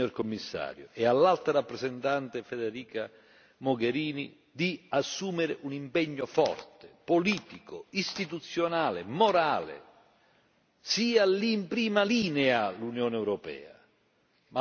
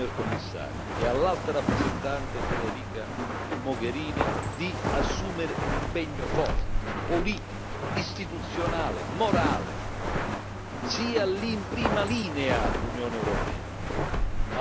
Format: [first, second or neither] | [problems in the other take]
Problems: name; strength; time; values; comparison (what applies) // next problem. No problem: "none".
first | background sound (Walk, footsteps); 2 dB above the speech